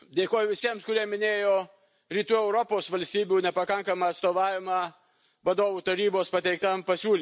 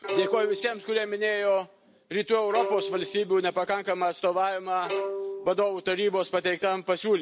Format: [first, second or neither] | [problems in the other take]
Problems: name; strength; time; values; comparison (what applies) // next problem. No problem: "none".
first | background sound (Bowed string instrument); 9 dB below the speech